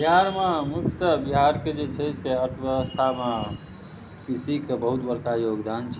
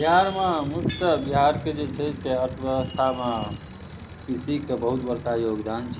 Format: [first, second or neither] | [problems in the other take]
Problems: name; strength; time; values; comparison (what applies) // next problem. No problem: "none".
first | background sound (Engine + Tools); 19 dB below the speech